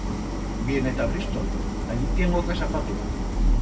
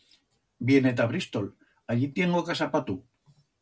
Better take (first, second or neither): second